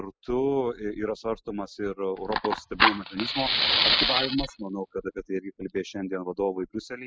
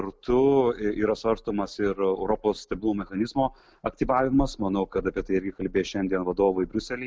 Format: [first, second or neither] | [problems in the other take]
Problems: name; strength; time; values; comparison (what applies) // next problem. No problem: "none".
second | noise reduction (classical method spectral subtraction)